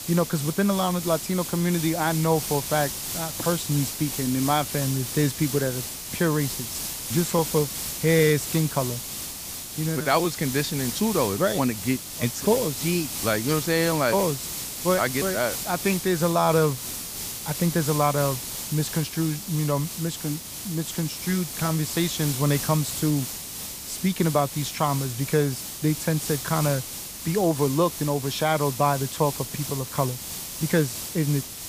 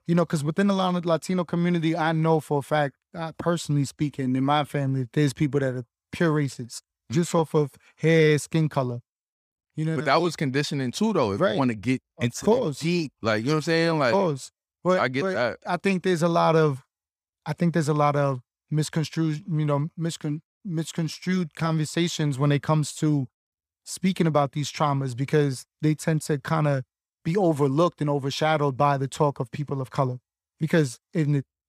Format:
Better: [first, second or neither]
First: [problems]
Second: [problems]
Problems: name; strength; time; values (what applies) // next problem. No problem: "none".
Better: second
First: hiss; loud; throughout; 6 dB below the speech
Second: none